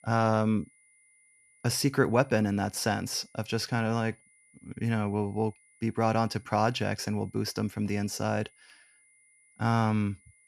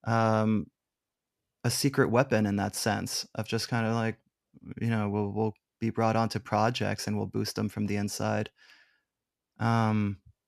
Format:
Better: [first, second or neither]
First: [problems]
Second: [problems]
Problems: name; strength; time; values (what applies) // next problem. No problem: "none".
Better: second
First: high-pitched whine; faint; throughout; 2 kHz, 30 dB below the speech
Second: none